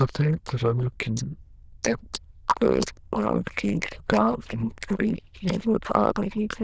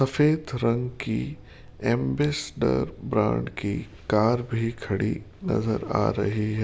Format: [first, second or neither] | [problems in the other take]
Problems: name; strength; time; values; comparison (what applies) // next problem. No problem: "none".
second | noise reduction (neural diffusion model UNIVERSE++)